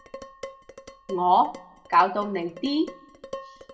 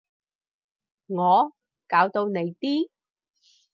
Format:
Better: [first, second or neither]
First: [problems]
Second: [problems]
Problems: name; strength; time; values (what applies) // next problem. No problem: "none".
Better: second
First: background sound (Dishes, pots, and pans); 16 dB below the speech // room echo; dies away in 0.4 s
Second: none